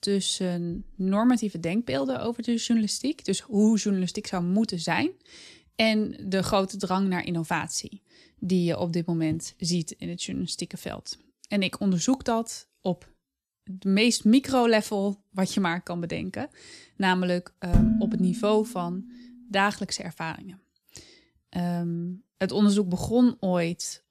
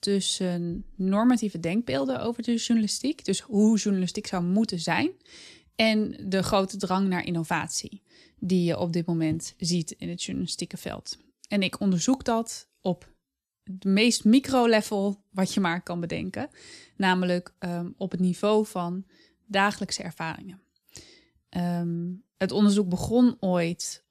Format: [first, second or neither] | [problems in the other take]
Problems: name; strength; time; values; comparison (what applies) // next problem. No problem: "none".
second | clattering dishes; loud; at 18 s; peak 4 dB above the speech